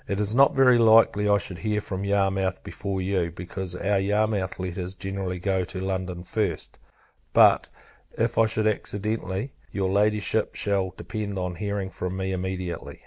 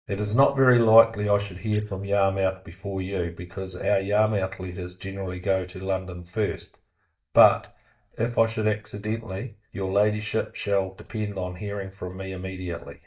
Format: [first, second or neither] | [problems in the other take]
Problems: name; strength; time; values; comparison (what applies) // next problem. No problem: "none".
first | noise reduction (neural mask model DeepFilterNet 3)